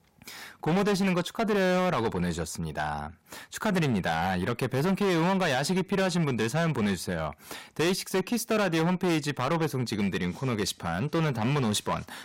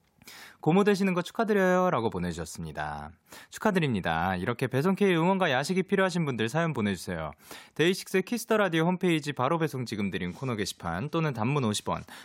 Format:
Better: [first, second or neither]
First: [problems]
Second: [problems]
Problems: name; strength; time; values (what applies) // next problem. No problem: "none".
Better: second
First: distortion; heavy; 18% of the sound clipped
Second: none